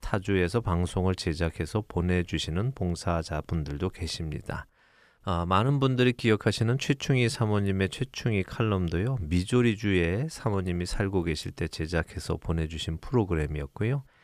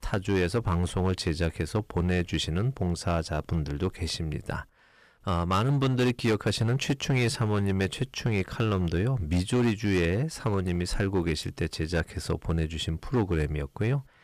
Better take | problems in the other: first | distortion; slight; 6% of the sound clipped

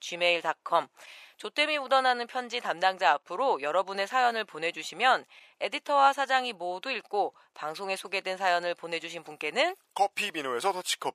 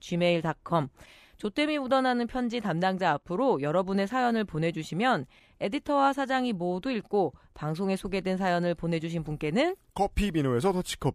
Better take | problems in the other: second | thin; very; fading below 750 Hz

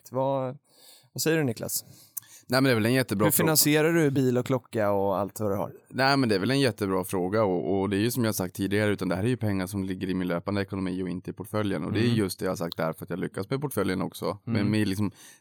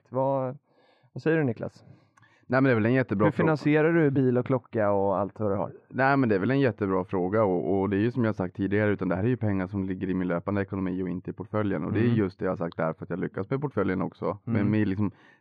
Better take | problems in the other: first | muffled; very; fading above 2 kHz

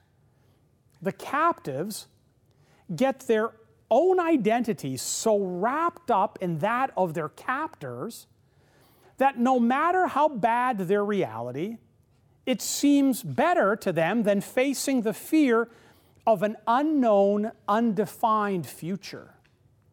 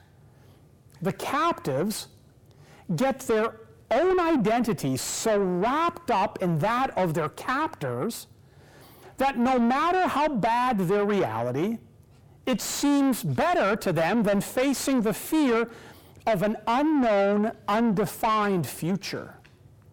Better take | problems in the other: first | distortion; heavy; 8 dB below the speech

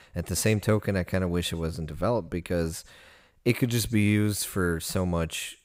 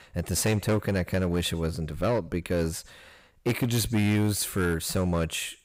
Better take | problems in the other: first | distortion; slight; 9% of the sound clipped

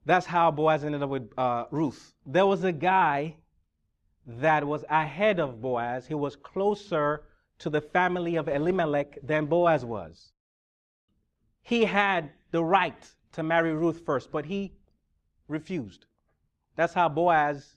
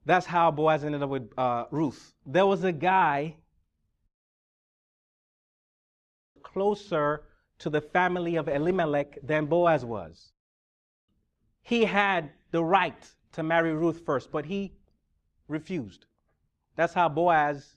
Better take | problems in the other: first | audio cutting out; at 4 s for 2.5 s

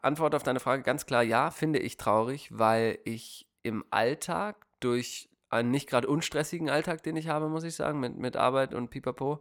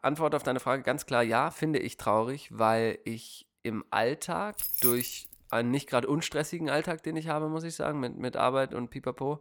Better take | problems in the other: first | jangling keys; loud; at 4.5 s; peak 5 dB above the speech

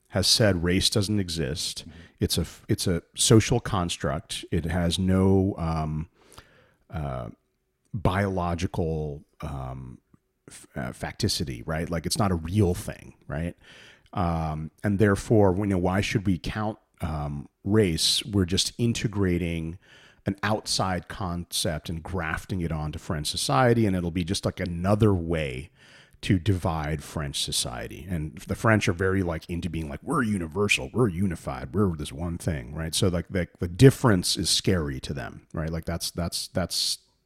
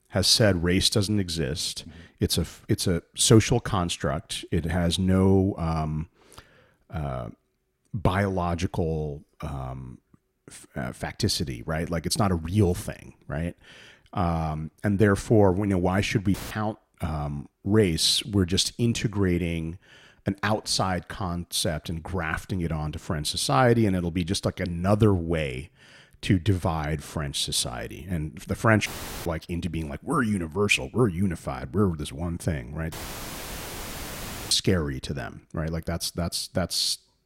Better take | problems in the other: first | audio cutting out; filled with static; at 16 s, at 29 s and at 33 s for 1.5 s

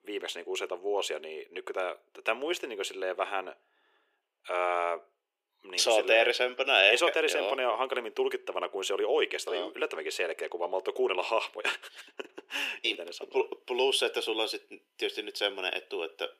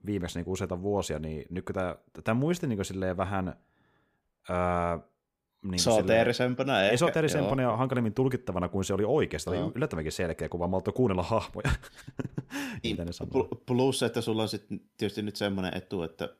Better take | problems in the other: second | thin; very; fading below 350 Hz

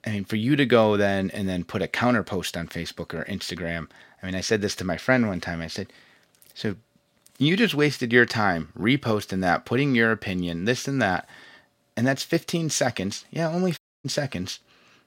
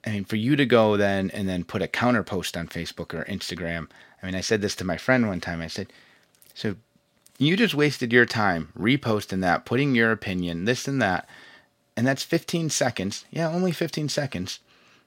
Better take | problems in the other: second | audio cutting out; at 14 s

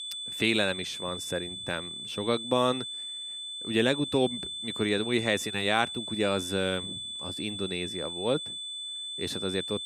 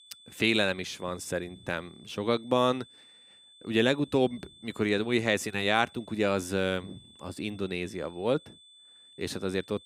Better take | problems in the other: second | high-pitched whine; loud; throughout; 3.5 kHz, 5 dB below the speech; faint in the second

